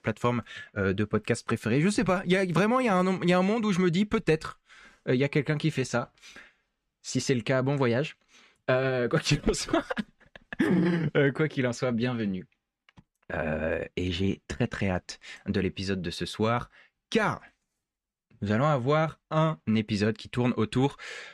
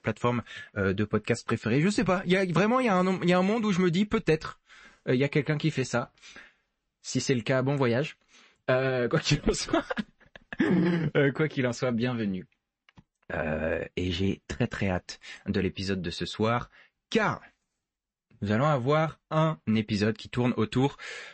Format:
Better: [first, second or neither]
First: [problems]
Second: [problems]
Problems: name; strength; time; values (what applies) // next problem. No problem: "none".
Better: first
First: none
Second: garbled, watery; slightly; nothing above 8 kHz